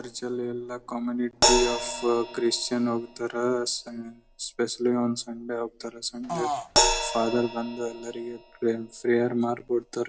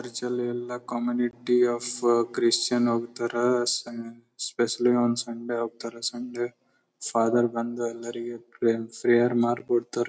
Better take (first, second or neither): second